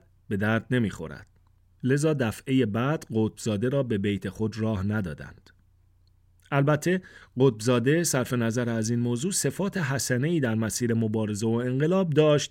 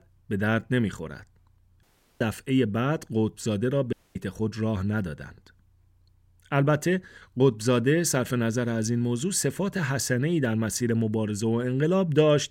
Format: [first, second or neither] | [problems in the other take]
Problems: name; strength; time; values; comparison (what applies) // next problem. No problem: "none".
first | audio cutting out; at 2 s and at 4 s